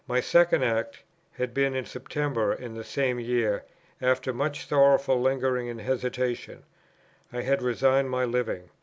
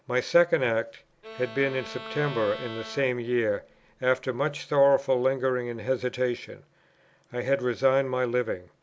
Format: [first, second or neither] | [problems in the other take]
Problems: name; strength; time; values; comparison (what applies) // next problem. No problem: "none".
first | background sound (Bowed string instrument); 16 dB below the speech